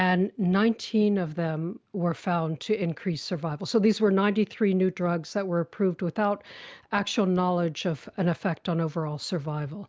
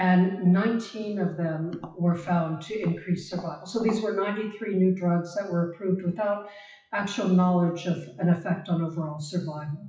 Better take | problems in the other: first | noise reduction (classical method WPE with log-MMSE)

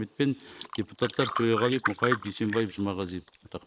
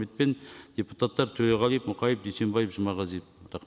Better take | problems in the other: second | noise reduction (neural mask model Resemble Enhance denoiser)

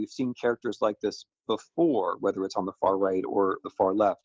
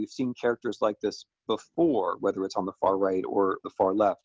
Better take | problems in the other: second | noise reduction (neural mask model Resemble Enhance denoiser)

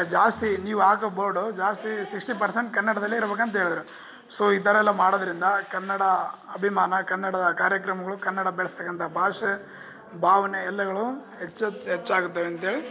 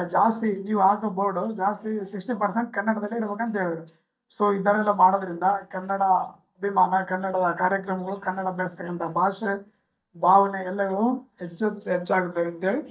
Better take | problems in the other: first | noise reduction (neural mask model DeepFilterNet 3)

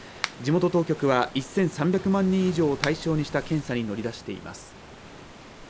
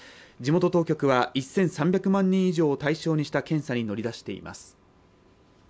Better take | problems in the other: second | background sound (Waves, surf + Finger snapping); 14 dB below the speech

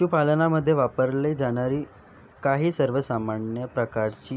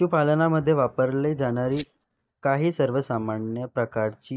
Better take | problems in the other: first | noise reduction (neural mask model DeepFilterNet 3)

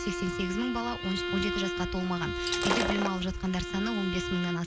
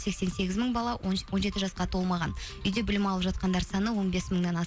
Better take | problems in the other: second | background sound (Shatter + Bowed string instrument); 2 dB below the speech

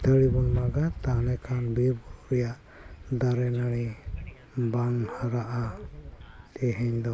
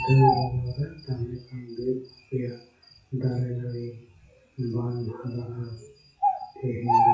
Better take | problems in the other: first | noise reduction (classical method WPE with log-MMSE)

